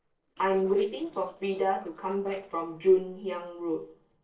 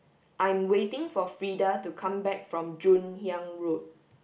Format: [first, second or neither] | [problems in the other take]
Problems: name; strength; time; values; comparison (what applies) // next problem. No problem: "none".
second | noise reduction (neural separator model SepFormer DNS4)